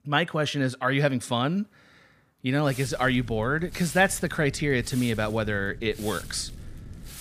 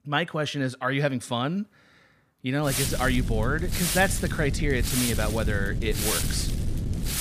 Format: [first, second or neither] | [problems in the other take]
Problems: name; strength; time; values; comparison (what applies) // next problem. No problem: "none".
first | wind noise on the microphone; heavy; from 2.5 s on; 5 dB below the speech; occasional gusts in the first